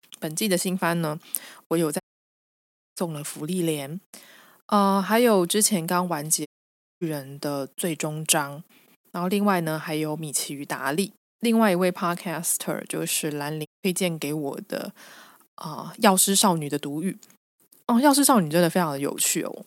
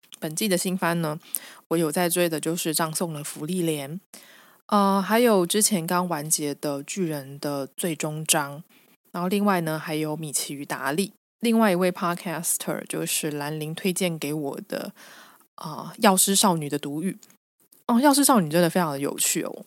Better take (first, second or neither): second